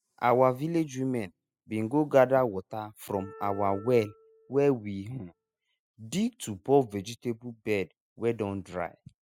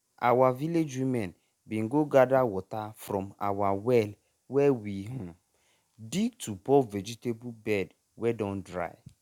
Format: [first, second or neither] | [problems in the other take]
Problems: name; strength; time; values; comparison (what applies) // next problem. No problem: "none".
second | noise reduction (classical method spectral subtraction)